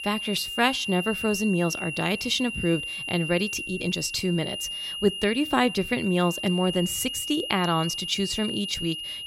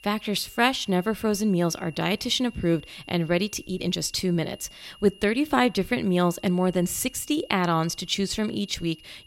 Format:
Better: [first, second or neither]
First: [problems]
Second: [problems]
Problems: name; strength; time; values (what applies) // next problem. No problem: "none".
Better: second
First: high-pitched whine; loud; throughout; 3 kHz, 5 dB below the speech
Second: high-pitched whine; faint; throughout; 3 kHz, 25 dB below the speech